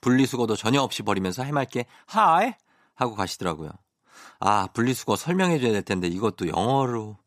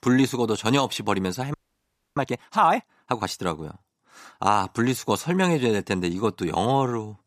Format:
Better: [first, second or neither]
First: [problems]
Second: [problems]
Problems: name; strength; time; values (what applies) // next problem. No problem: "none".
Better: first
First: none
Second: audio freezing; at 1.5 s for 0.5 s